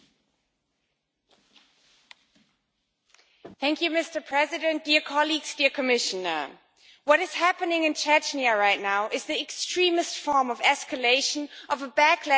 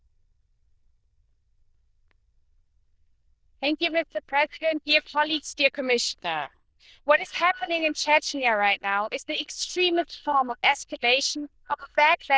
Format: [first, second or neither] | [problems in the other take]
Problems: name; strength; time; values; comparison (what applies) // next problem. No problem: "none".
first | noise reduction (neural diffusion model UNIVERSE++)